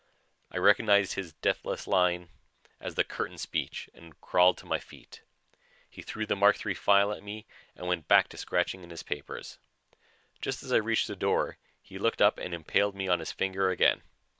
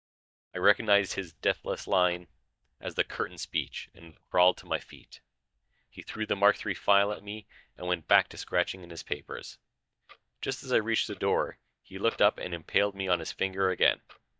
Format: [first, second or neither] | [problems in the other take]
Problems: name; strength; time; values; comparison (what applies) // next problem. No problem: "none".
first | noise reduction (neural mask model DeepFilterNet 3)